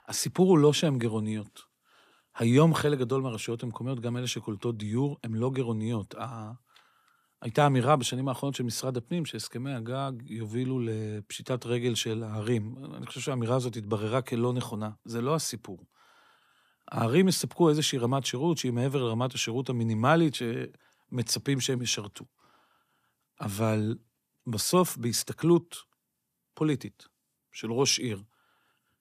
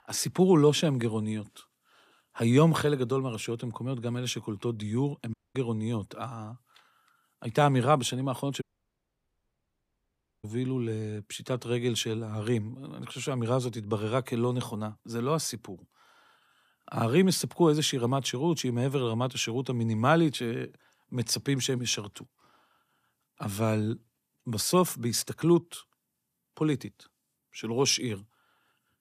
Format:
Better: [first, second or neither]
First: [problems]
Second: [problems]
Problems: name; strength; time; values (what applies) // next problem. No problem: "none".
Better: first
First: none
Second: audio cutting out; at 5.5 s and at 8.5 s for 2 s